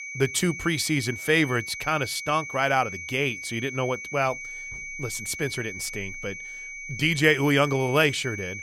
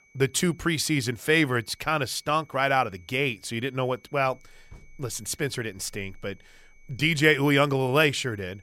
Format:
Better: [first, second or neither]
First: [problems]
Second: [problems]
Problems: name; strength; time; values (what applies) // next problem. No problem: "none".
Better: second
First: high-pitched whine; loud; throughout; 2.5 kHz, 9 dB below the speech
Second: high-pitched whine; faint; throughout; 2.5 kHz, 35 dB below the speech